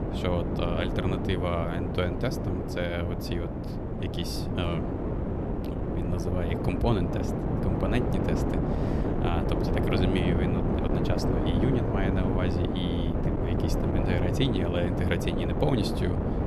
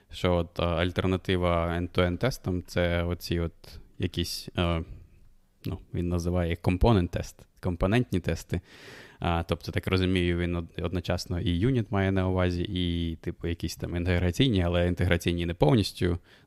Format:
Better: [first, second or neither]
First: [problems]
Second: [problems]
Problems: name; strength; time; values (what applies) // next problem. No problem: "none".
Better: second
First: wind noise on the microphone; heavy; as loud as the speech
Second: none